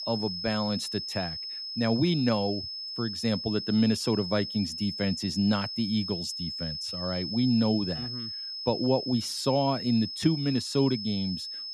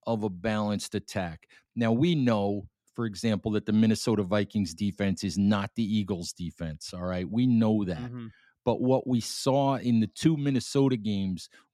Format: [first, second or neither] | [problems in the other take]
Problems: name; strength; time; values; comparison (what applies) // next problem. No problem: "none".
second | high-pitched whine; loud; throughout; 5 kHz, 5 dB below the speech